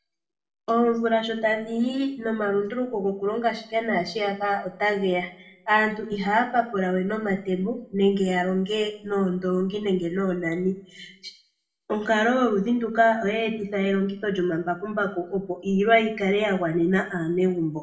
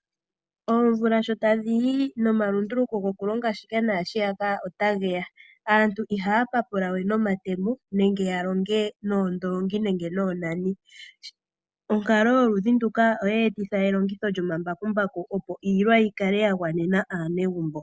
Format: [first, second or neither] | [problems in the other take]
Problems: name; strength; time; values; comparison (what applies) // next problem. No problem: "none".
second | room echo; dies away in 0.5 s